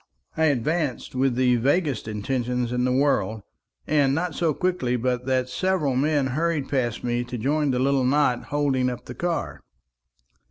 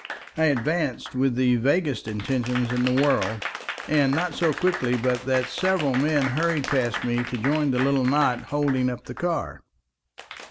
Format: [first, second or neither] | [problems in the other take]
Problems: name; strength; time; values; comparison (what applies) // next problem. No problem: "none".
first | background sound (Applause / Crowd); 11 dB below the speech